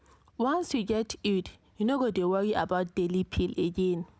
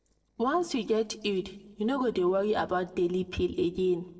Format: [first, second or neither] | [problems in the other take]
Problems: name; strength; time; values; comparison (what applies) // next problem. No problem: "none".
first | noise reduction (neural separator model SepFormer DNS4)